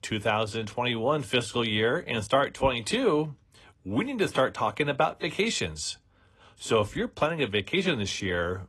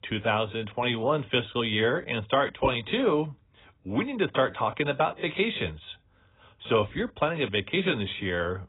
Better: first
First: garbled, watery; slightly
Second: garbled, watery; badly; nothing above 4 kHz

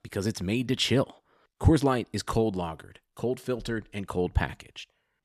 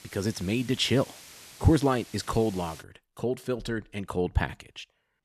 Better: first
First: none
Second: hiss; noticeable; until 3 s; 20 dB below the speech

